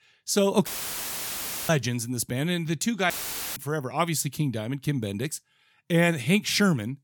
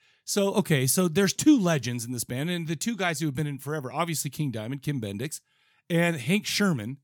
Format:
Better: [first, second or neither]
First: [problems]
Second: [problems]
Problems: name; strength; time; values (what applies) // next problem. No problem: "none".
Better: second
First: audio cutting out; filled with static; at 0.5 s for 1 s and at 3 s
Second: none